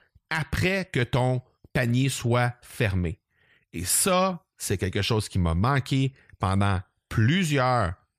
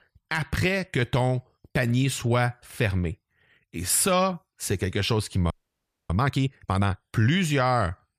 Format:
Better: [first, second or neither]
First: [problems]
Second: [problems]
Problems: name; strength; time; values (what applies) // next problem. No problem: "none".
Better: first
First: none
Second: audio freezing; at 5.5 s for 0.5 s